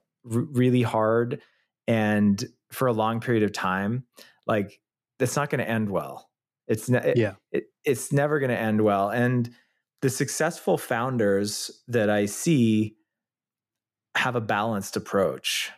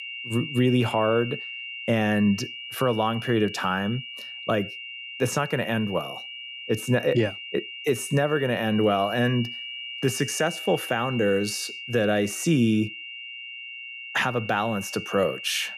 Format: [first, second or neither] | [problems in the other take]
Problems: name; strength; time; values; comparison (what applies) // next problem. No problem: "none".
first | high-pitched whine; loud; throughout; 3 kHz, 9 dB below the speech